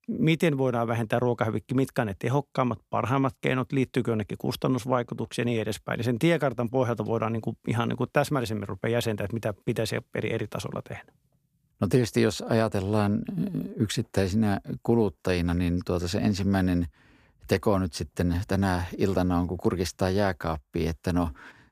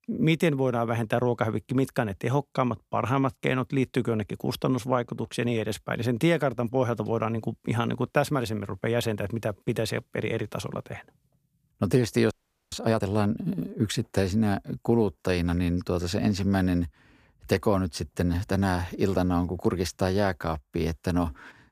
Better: first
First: none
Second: audio freezing; at 12 s

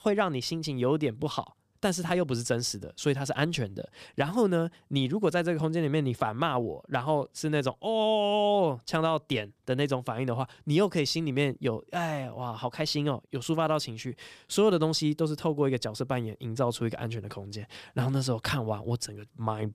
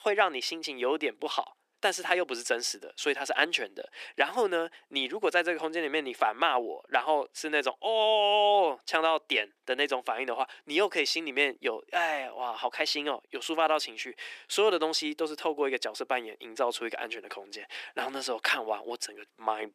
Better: first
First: none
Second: thin; very; fading below 350 Hz

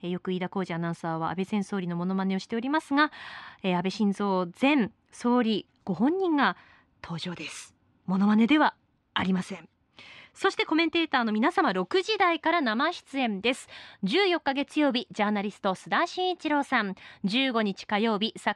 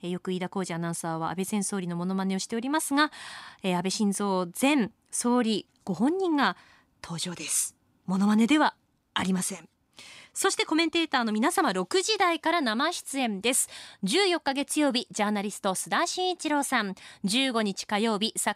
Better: second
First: muffled; slightly; fading above 3 kHz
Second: none

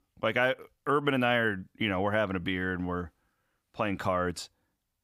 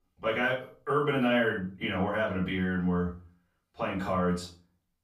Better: first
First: none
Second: off-mic speech; far // room echo; slight; dies away in 0.3 s

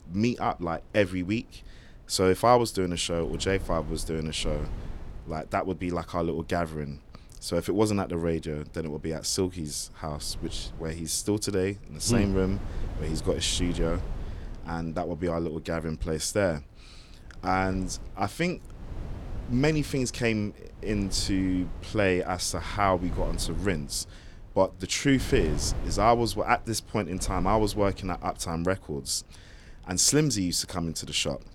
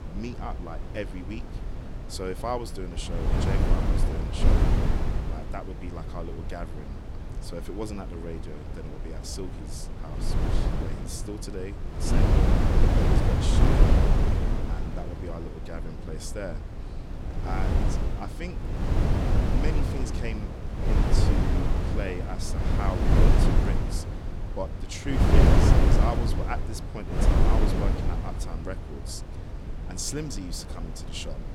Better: first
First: wind noise on the microphone; occasional gusts; 20 dB below the speech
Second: wind noise on the microphone; heavy; 4 dB above the speech

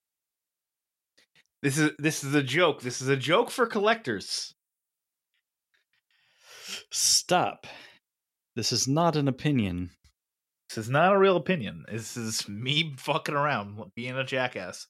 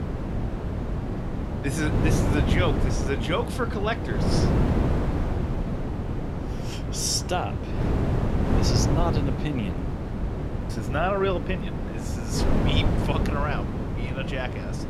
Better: first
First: none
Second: wind noise on the microphone; heavy; 3 dB below the speech

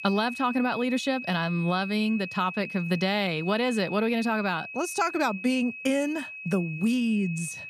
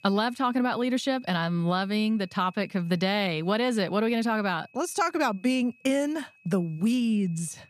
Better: second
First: high-pitched whine; loud; throughout; 2.5 kHz, 10 dB below the speech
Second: high-pitched whine; faint; throughout; 2.5 kHz, 30 dB below the speech

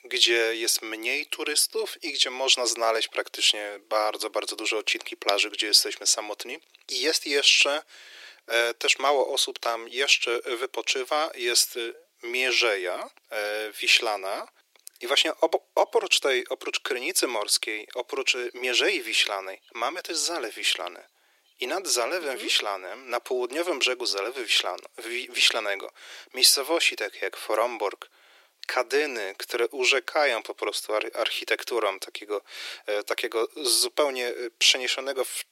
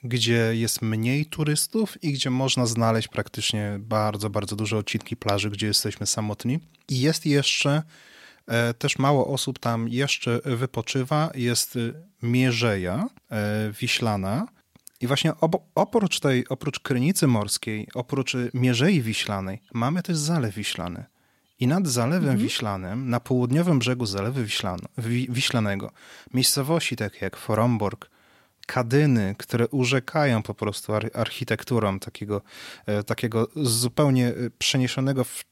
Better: second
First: thin; very; fading below 350 Hz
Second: none

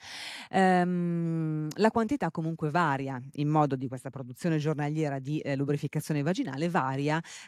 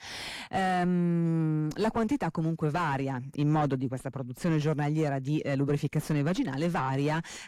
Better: first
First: none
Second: distortion; heavy; 6 dB below the speech

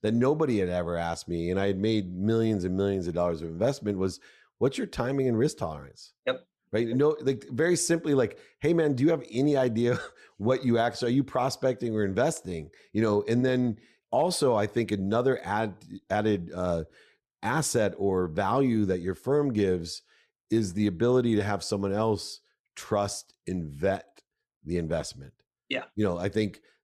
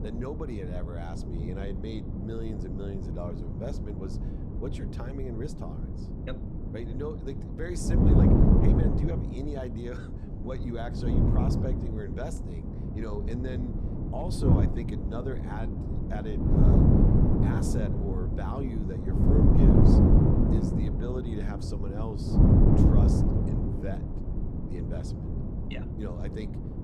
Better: first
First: none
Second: wind noise on the microphone; heavy; 5 dB above the speech

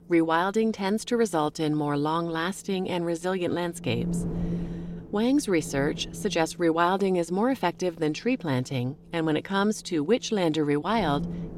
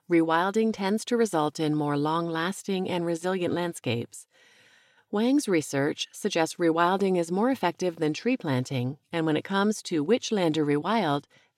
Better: second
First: wind noise on the microphone; occasional gusts; 15 dB below the speech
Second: none

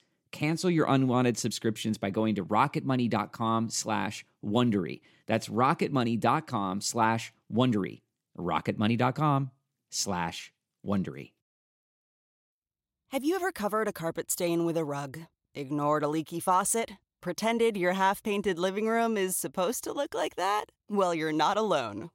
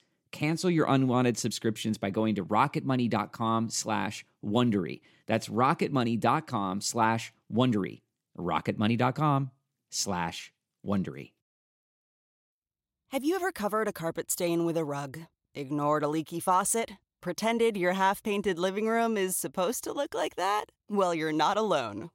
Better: neither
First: none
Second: none

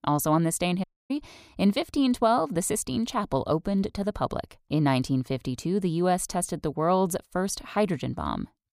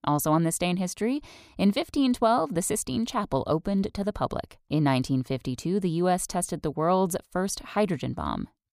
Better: second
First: audio cutting out; at 1 s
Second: none

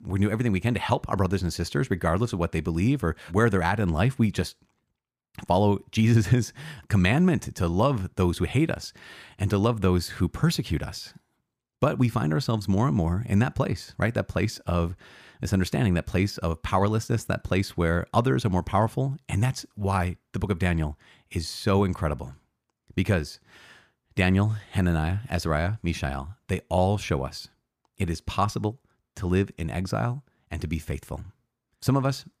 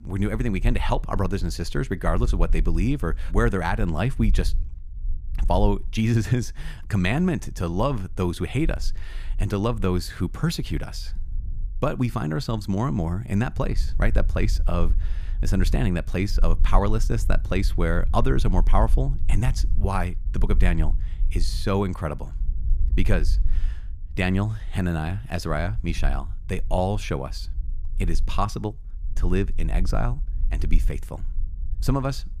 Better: first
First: none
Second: low rumble; faint; throughout; 25 dB below the speech

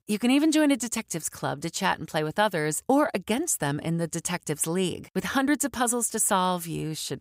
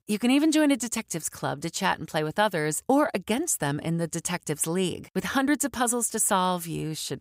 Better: neither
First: none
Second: none

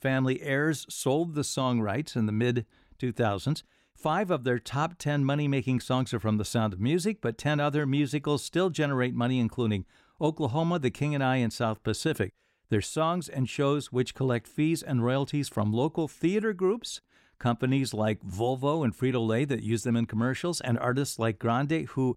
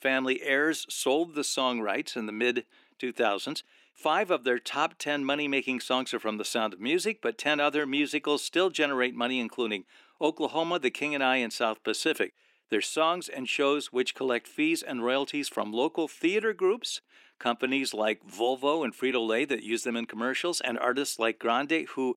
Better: first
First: none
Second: thin; somewhat; fading below 300 Hz

